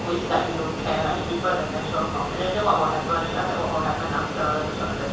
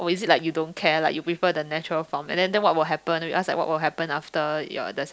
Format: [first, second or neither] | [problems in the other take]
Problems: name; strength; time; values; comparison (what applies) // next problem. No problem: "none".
second | background sound (Fixed-wing aircraft, airplane); 4 dB below the speech // room echo; dies away in 0.7 s